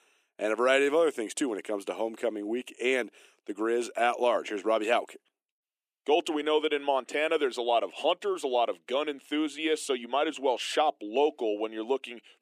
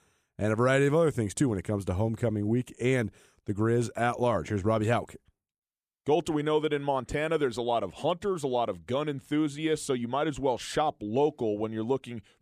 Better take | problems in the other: second | thin; somewhat; fading below 300 Hz

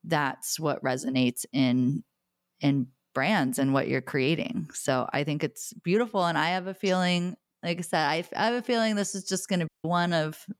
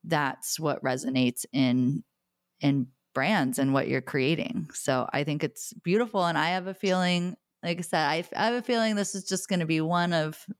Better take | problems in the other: second | audio cutting out; at 9.5 s

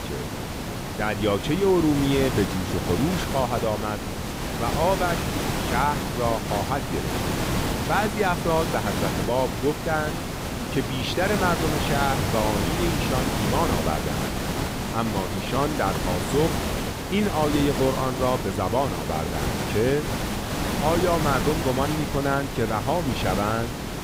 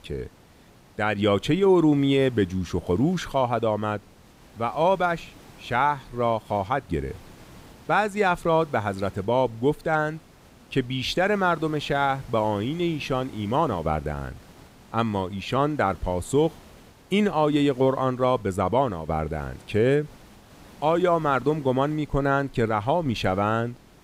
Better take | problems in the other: second | hiss; loud; throughout; 2 dB below the speech; faint in the second

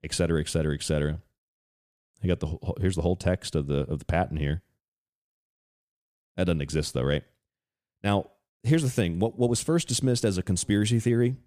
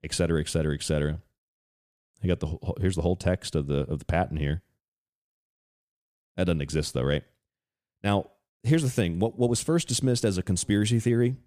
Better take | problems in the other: neither | none

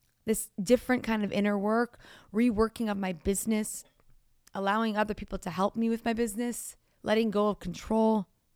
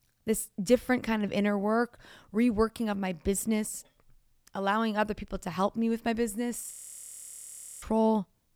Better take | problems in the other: first | audio freezing; at 6.5 s for 1 s

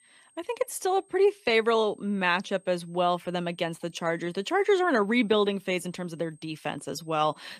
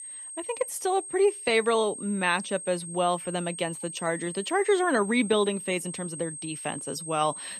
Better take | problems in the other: first | high-pitched whine; loud; throughout; 8.5 kHz, 9 dB below the speech; faint in the first

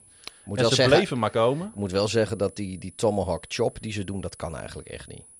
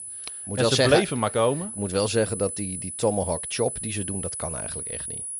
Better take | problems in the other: first | high-pitched whine; loud; throughout; 10 kHz, 7 dB below the speech; faint in the first

